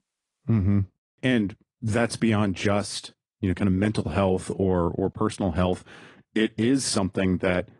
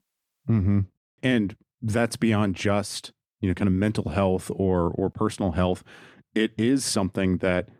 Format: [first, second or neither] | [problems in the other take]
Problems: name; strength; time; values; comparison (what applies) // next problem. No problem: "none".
second | garbled, watery; slightly; nothing above 10 kHz